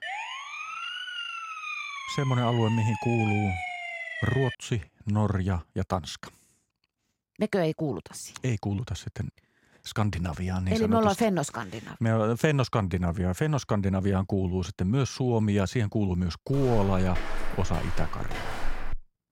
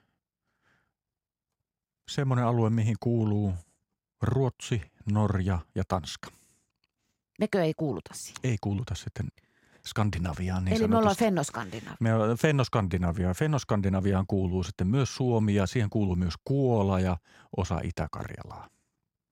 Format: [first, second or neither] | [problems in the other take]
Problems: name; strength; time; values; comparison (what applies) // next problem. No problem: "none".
second | siren; noticeable; until 4.5 s; peak 3 dB below the speech // footsteps; noticeable; from 17 s on; peak 8 dB below the speech